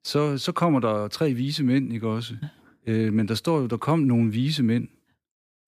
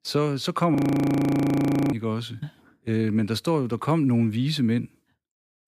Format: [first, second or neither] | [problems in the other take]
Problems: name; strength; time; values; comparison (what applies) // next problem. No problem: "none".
first | audio freezing; at 1 s for 1 s